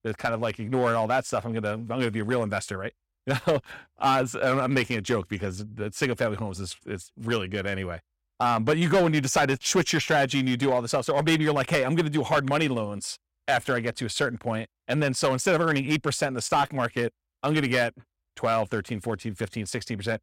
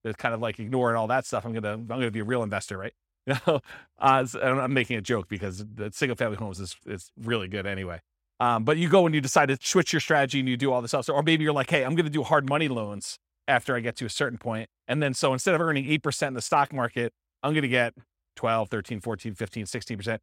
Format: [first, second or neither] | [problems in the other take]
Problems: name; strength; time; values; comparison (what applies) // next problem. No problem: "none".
second | distortion; slight; 4% of the sound clipped